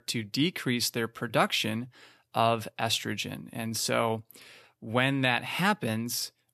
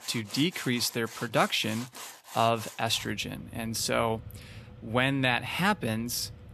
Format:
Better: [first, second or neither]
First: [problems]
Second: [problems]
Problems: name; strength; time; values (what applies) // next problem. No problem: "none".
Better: first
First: none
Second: machinery noise; noticeable; throughout; 15 dB below the speech